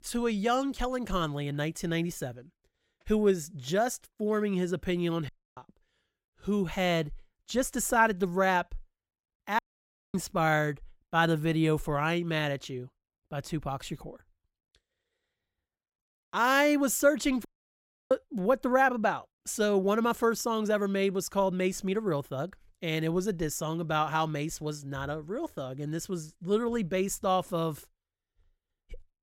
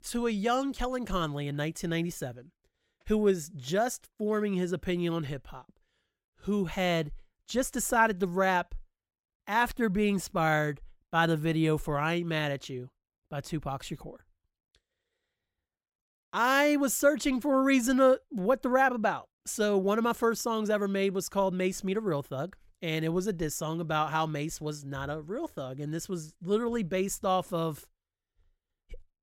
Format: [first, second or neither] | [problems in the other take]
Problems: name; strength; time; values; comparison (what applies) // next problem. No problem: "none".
second | audio cutting out; at 5.5 s, at 9.5 s for 0.5 s and at 17 s for 0.5 s